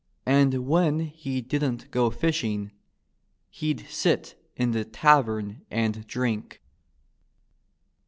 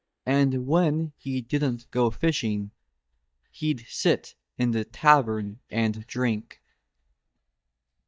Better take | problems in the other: first | noise reduction (neural mask model DeepFilterNet 3)

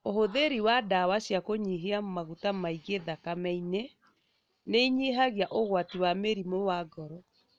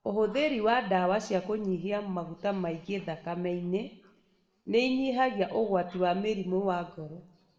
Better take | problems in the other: first | room echo; dies away in 0.6 s

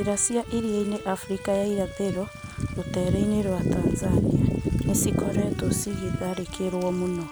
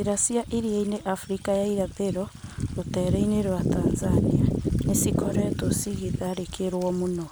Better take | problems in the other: second | background sound (Bowed string instrument); 17 dB below the speech

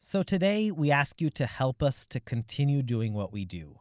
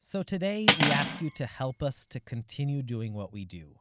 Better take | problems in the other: first | background sound (Cutlery, silverware); 2 dB above the speech

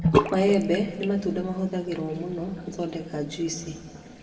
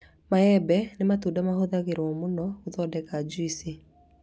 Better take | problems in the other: second | background sound (Bathtub (filling or washing) / Sink (filling or washing)); 3 dB below the speech // room echo; dies away in 1.4 s

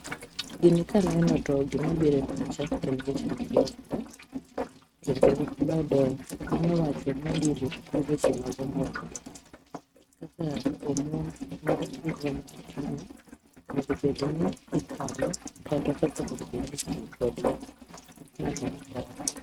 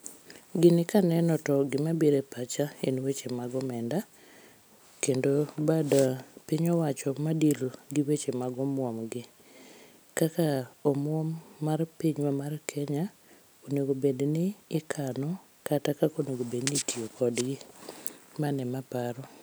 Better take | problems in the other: second | noise reduction (neural mask model RNNoise)

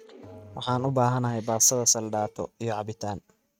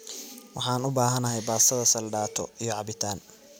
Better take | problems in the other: second | noise reduction (neural mask model RNNoise)

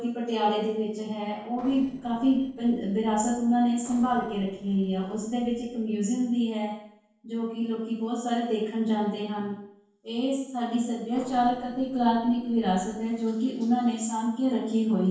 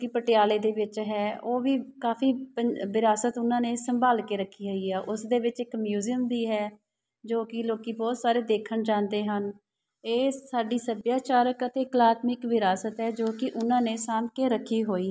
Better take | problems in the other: second | noise reduction (neural separator model SepFormer DNS4)

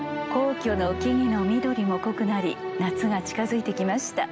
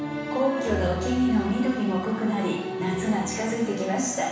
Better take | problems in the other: first | room echo; dies away in 1.1 s

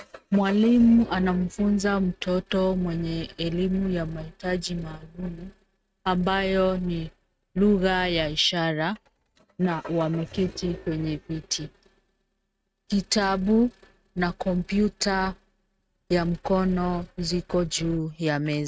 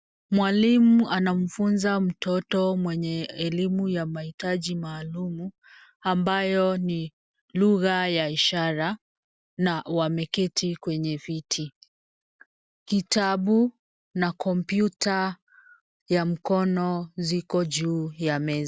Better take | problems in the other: second | noise reduction (neural mask model RNNoise)

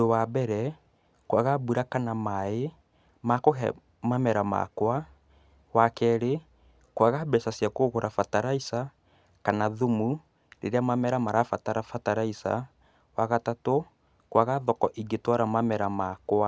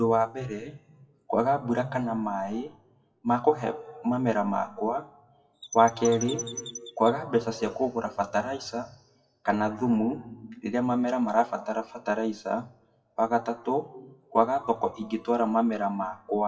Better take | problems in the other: first | noise reduction (classical method WPE with log-MMSE)

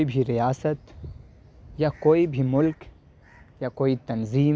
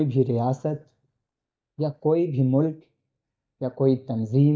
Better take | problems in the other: first | noise reduction (neural mask model DeepFilterNet 3)

